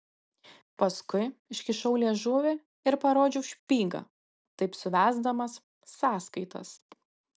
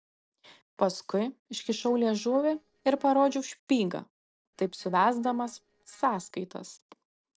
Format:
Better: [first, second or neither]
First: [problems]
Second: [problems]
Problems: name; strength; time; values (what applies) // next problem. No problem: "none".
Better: first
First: none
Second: noise reduction (neural separator model SepFormer DNS4)